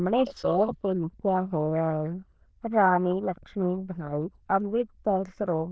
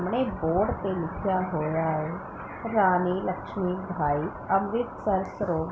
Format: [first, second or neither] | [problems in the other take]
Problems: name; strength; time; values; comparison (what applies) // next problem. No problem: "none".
second | noise reduction (neural diffusion model UNIVERSE++)